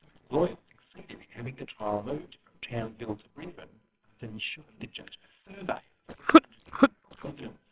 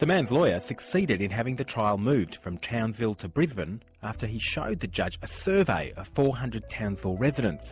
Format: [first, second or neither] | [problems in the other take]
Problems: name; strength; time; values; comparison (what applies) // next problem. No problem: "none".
second | noise reduction (neural separator model SepFormer WHAMR!)